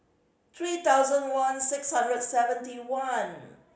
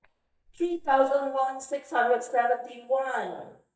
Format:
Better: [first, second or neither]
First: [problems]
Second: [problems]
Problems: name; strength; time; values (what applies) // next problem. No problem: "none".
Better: first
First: none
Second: noise reduction (neural mask model DeepFilterNet 3)